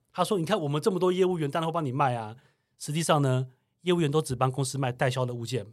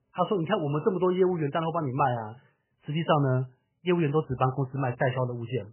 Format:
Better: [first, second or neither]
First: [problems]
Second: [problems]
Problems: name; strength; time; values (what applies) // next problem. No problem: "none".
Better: first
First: none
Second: garbled, watery; badly; nothing above 3 kHz